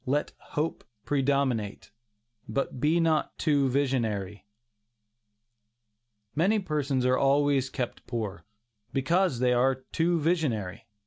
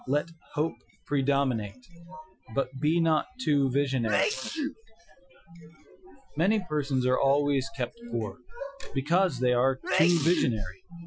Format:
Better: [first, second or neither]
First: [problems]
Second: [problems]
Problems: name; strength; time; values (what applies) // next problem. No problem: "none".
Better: first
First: none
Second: noise reduction (classical method Wiener filter)